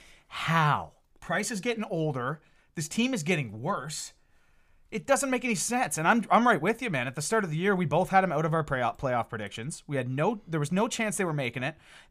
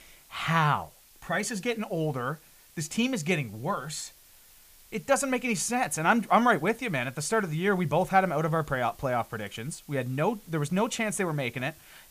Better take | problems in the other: first | hiss; faint; throughout; 25 dB below the speech

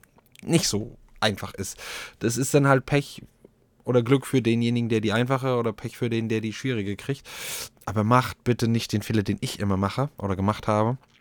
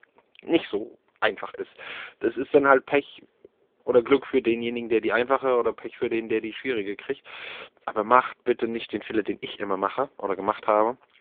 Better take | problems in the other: first | phone-call audio; poor line

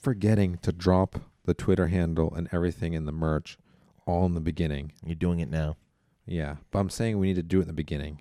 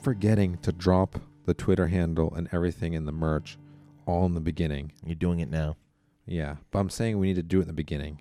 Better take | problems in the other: first | background music; faint; throughout; 25 dB below the speech

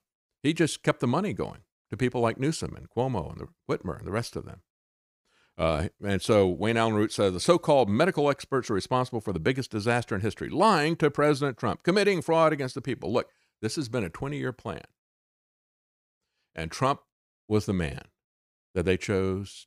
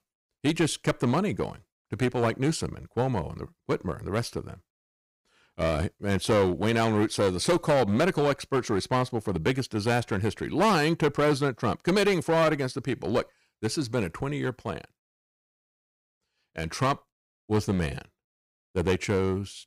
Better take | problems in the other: first | distortion; slight; 6% of the sound clipped

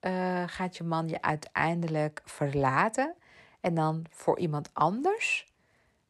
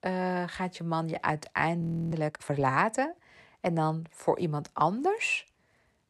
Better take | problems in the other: first | audio freezing; at 2 s

